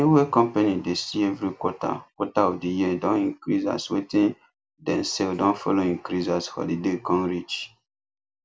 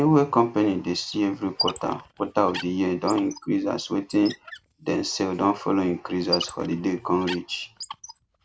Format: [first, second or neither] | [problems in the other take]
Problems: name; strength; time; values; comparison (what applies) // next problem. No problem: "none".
first | background sound (Squeak); 13 dB below the speech